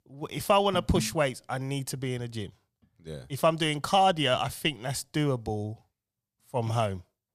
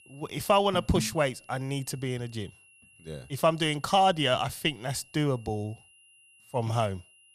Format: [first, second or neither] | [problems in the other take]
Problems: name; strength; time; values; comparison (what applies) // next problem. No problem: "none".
first | high-pitched whine; faint; throughout; 3 kHz, 25 dB below the speech